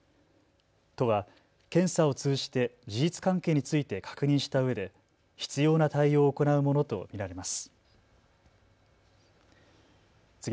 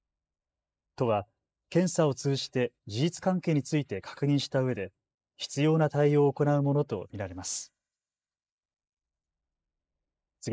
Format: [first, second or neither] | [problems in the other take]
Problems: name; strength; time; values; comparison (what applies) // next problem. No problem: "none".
first | noise reduction (neural mask model Resemble Enhance denoiser)